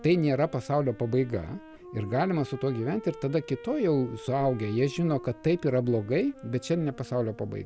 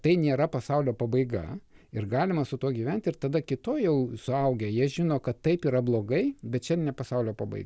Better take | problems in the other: second | background sound (Wind instrument, woodwind instrument); 18 dB below the speech

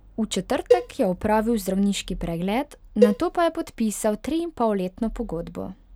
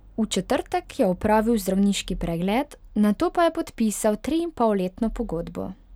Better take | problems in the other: second | background sound (Cowbell); 2 dB below the speech

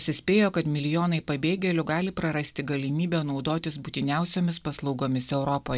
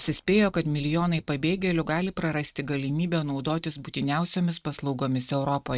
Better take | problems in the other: first | noise reduction (neural mask model RNNoise)

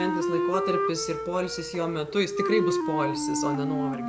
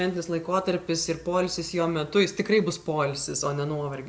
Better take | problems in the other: second | background sound (Wind instrument, woodwind instrument); 1 dB above the speech

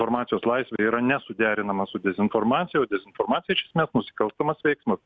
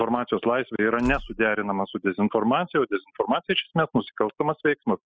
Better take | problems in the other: first | noise reduction (classical method spectral subtraction)

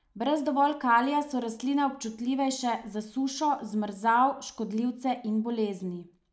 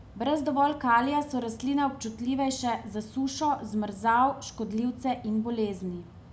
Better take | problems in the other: first | background sound (Mechanical fan); 20 dB below the speech

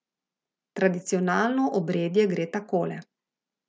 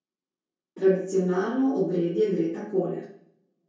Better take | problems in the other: first | room echo; dies away in 0.6 s

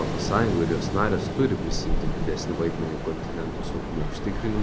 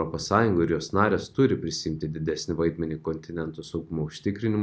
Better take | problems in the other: second | background sound (Ocean); as loud as the speech

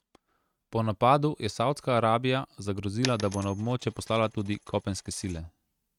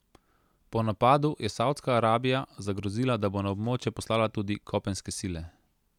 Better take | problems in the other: second | noise reduction (neural mask model RNNoise)

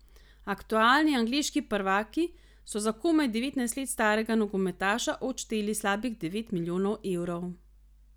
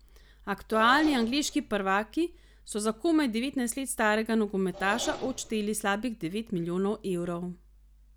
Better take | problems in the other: first | background sound (Engine); 18 dB below the speech

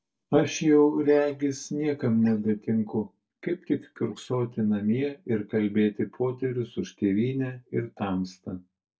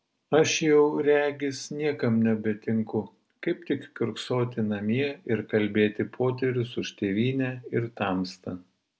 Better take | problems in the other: second | noise reduction (neural mask model DeepFilterNet 3)

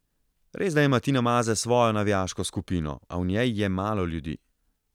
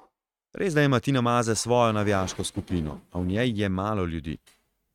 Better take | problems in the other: first | noise reduction (neural mask model RNNoise)

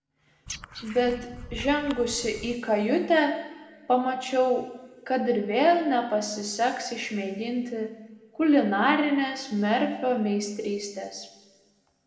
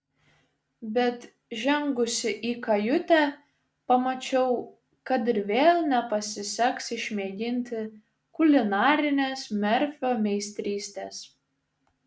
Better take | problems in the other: second | background sound (Frog); 15 dB below the speech // room echo; dies away in 1.4 s

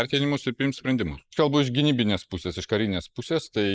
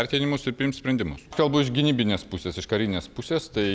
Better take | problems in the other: second | noise reduction (neural mask model Resemble Enhance denoiser)

